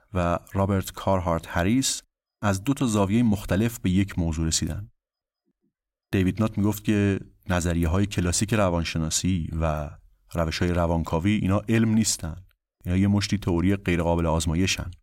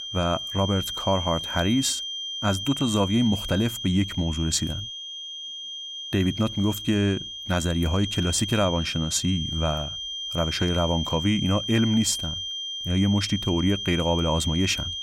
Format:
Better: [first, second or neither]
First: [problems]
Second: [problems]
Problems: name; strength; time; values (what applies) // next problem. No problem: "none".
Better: first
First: none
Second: high-pitched whine; loud; throughout; 3 kHz, 5 dB below the speech